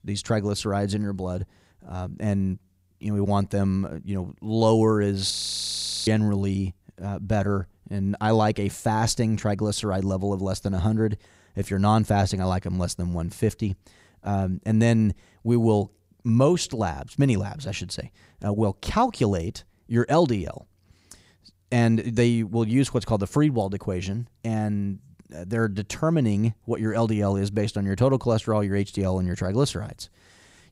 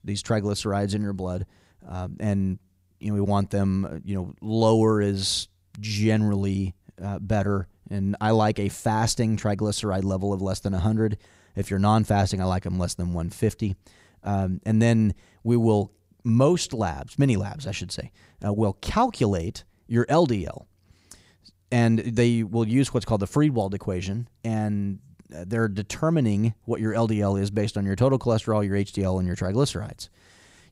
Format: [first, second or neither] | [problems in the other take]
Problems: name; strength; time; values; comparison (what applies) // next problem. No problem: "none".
second | audio freezing; at 5.5 s for 1 s